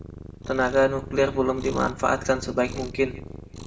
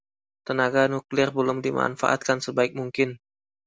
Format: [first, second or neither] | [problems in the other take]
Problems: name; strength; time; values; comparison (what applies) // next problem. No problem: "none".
second | background sound (Cat); 11 dB below the speech // room echo; dies away in 0.8 s